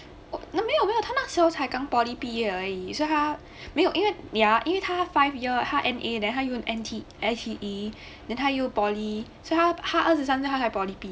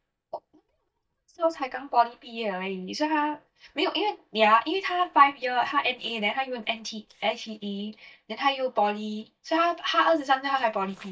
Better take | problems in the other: first | noise reduction (neural mask model DeepFilterNet 3)

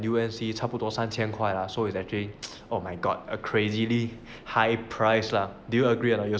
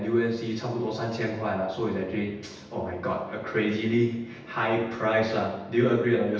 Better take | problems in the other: first | room echo; dies away in 0.9 s

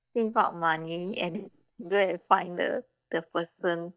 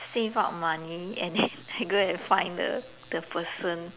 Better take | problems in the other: second | noise reduction (neural mask model DeepFilterNet 3)

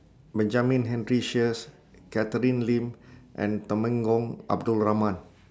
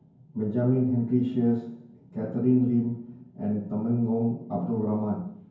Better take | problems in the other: first | room echo; dies away in 0.9 s

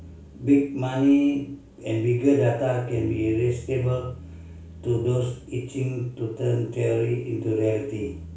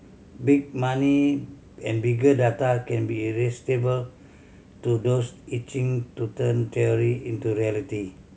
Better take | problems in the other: second | background sound (Bass guitar); 20 dB below the speech // room echo; dies away in 0.4 s

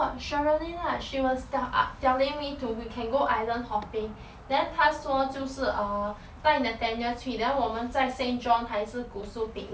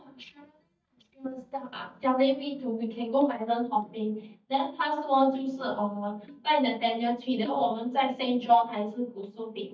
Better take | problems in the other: first | noise reduction (neural mask model DeepFilterNet 3)

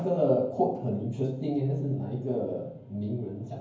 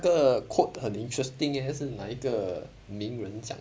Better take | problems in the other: second | room echo; dies away in 0.9 s

